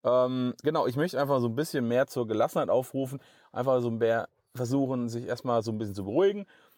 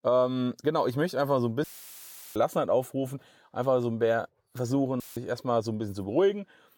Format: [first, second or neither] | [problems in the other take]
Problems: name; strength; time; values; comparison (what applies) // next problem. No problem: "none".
first | audio cutting out; filled with static; at 1.5 s for 0.5 s and at 5 s